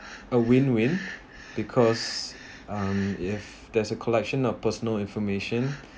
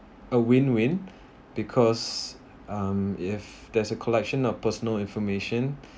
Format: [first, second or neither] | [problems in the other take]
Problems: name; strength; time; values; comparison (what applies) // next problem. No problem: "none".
second | background sound (Breathing); 18 dB below the speech